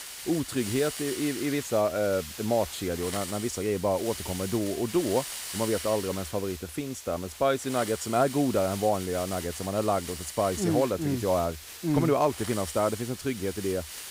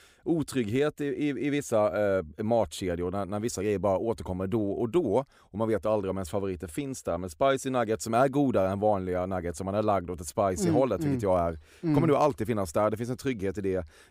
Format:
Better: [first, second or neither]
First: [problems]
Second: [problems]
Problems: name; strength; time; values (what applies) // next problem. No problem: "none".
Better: second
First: hiss; loud; throughout; 9 dB below the speech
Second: none